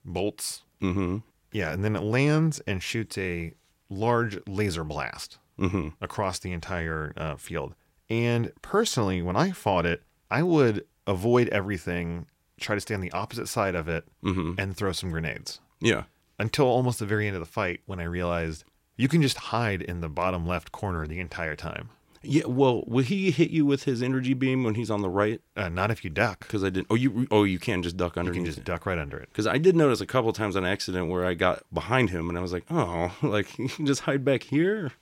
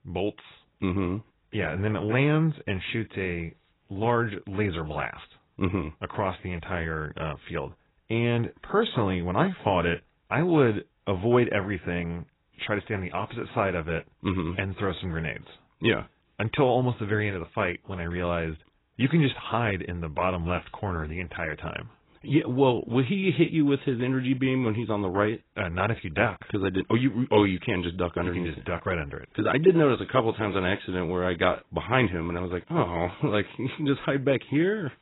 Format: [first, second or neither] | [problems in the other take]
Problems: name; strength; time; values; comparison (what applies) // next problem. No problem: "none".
first | garbled, watery; badly; nothing above 4 kHz